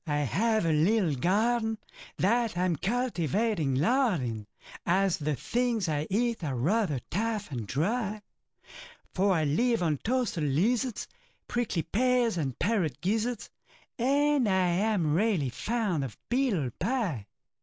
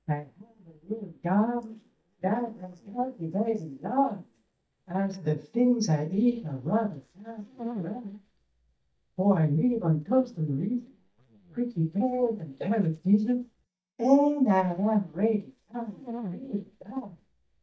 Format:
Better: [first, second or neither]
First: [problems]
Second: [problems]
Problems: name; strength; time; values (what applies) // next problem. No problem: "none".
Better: first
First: none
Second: noise reduction (neural mask model DeepFilterNet 3)